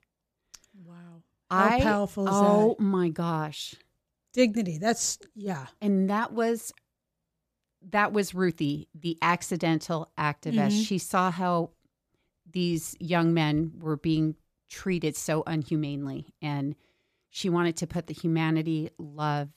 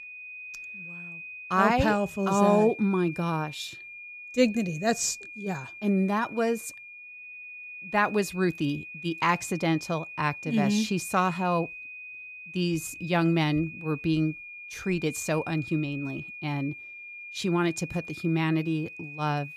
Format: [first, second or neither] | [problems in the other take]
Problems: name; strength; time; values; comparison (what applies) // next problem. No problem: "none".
first | high-pitched whine; noticeable; throughout; 2.5 kHz, 10 dB below the speech